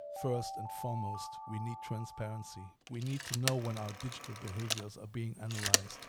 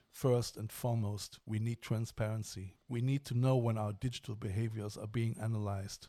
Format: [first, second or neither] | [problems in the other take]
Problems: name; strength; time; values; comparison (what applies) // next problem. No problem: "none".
second | alarms or sirens; very loud; throughout; 3 dB above the speech